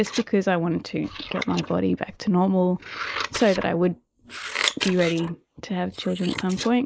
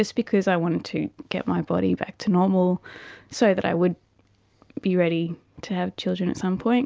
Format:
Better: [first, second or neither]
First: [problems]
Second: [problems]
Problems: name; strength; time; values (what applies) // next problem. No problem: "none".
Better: second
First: noise reduction (neural mask model Resemble Enhance denoiser)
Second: none